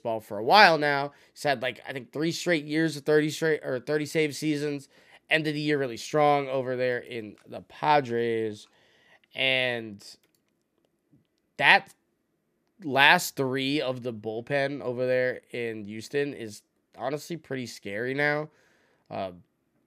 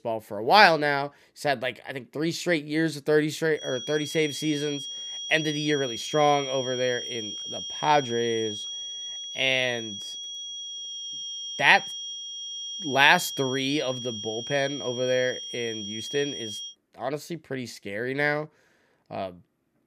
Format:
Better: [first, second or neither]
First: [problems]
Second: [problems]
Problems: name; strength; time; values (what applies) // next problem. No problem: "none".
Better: first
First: none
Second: high-pitched whine; loud; from 3.5 to 17 s; 3.5 kHz, 8 dB below the speech